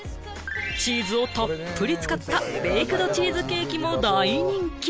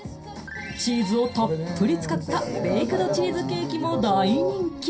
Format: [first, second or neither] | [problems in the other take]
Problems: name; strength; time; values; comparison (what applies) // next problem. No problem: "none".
first | room echo; dies away in 0.3 s